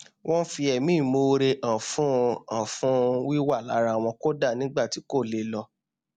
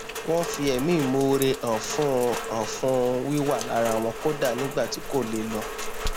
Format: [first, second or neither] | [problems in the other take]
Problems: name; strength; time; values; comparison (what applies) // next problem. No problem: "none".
first | background sound (Rain); 7 dB below the speech